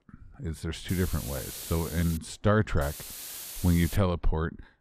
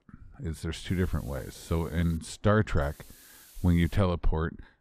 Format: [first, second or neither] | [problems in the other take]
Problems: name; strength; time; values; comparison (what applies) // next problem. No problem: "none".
second | hiss; loud; from 1 to 2 s and from 3 to 4 s; 10 dB below the speech; faint in the second